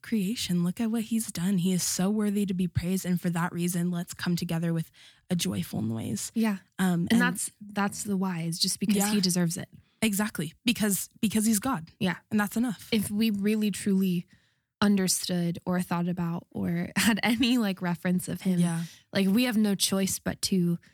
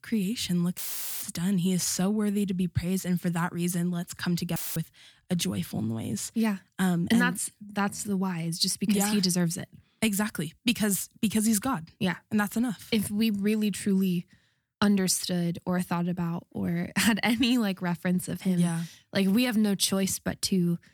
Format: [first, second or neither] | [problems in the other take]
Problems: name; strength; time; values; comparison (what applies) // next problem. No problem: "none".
first | audio cutting out; filled with static; at 1 s and at 4.5 s